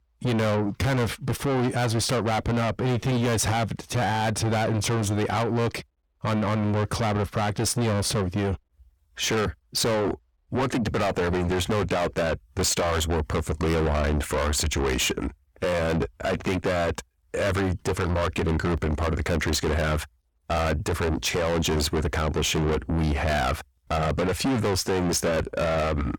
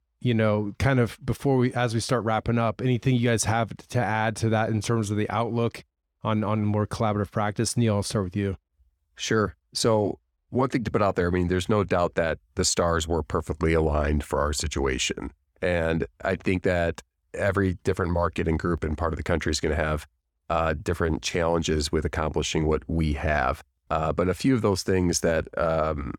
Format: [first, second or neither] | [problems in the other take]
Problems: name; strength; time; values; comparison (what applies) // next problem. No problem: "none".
second | distortion; heavy; 5 dB below the speech